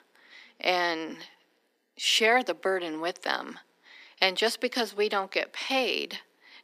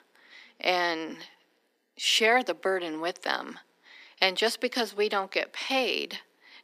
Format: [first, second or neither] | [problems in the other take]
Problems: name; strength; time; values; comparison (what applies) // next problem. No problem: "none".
neither | thin; somewhat; fading below 300 Hz; the same in both